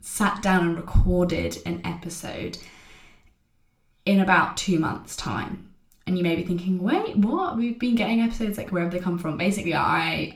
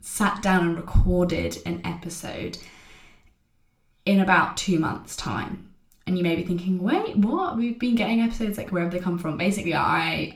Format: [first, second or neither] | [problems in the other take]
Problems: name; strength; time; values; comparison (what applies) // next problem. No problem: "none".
neither | room echo; very slight; dies away in 0.4 s; the same in both // off-mic speech; somewhat distant; the same in both